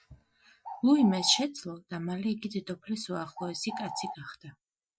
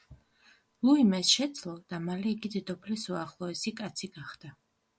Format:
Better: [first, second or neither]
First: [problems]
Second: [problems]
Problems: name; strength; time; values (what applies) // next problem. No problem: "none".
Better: second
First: noise reduction (classical method Wiener filter)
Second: none